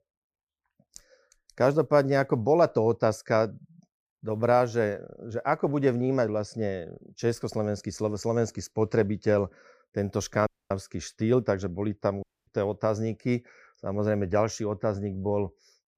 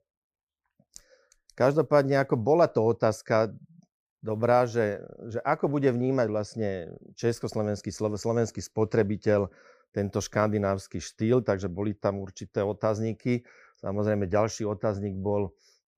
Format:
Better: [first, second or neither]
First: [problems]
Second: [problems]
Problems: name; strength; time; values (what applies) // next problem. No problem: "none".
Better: second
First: audio cutting out; at 10 s and at 12 s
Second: none